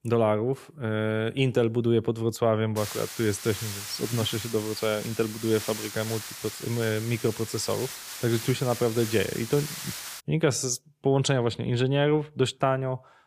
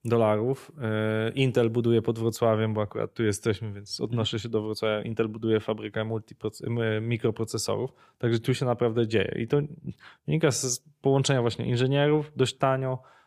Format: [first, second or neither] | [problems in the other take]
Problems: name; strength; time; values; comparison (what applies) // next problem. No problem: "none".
second | hiss; loud; from 3 to 10 s; 9 dB below the speech